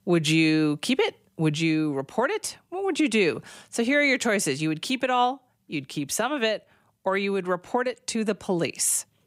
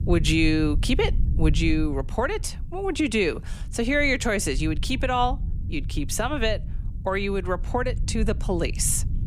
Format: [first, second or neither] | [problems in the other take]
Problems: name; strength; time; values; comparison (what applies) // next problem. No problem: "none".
first | low rumble; faint; throughout; 20 dB below the speech